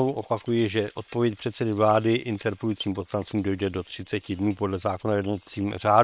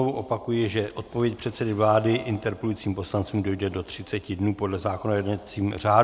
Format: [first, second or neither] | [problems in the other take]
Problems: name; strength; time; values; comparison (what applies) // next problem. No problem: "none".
second | noise reduction (neural separator model SepFormer WHAM!)